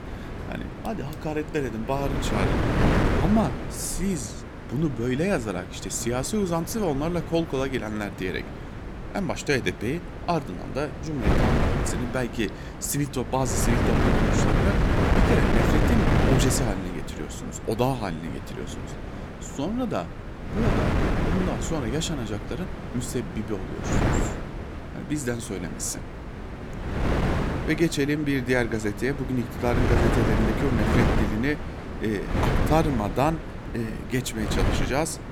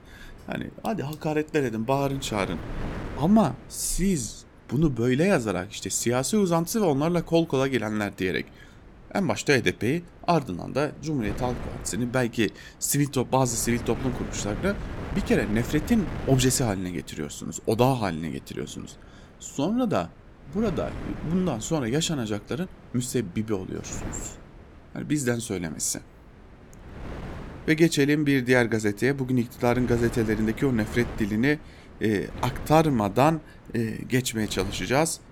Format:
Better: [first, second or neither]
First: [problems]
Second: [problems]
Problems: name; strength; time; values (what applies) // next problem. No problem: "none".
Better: second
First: wind noise on the microphone; heavy; 2 dB below the speech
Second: wind noise on the microphone; occasional gusts; 15 dB below the speech